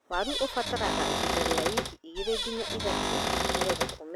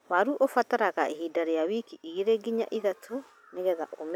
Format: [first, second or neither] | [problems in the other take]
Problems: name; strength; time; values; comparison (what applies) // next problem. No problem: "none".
second | background sound (Cupboard open or close / Door); 4 dB above the speech